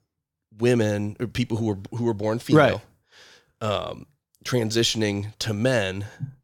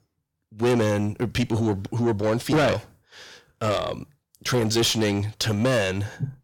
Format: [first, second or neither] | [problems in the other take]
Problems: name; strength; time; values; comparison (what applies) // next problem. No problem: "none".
first | distortion; heavy; 7 dB below the speech